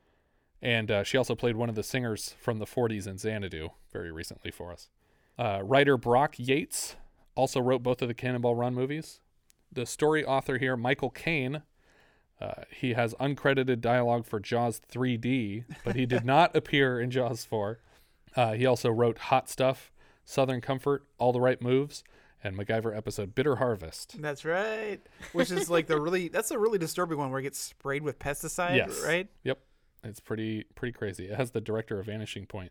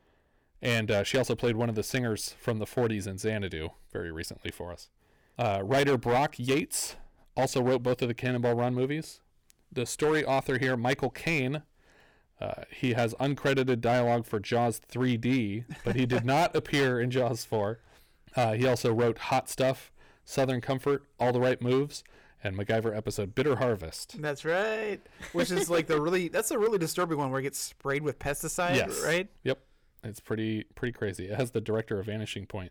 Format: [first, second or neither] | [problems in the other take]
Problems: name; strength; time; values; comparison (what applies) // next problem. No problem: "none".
first | distortion; slight; 6% of the sound clipped